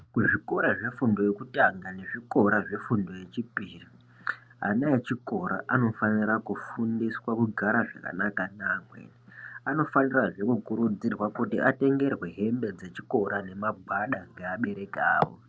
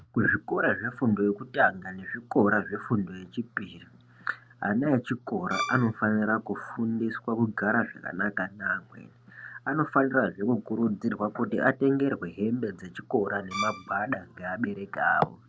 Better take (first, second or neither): first